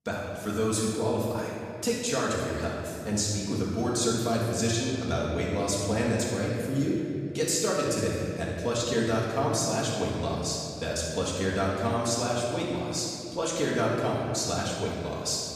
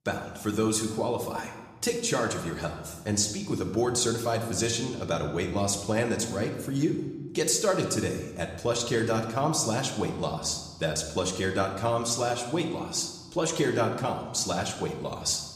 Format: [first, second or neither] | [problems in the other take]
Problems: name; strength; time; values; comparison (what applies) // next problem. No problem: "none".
second | room echo; strong; dies away in 2.4 s; slight in the second // off-mic speech; far; somewhat distant in the second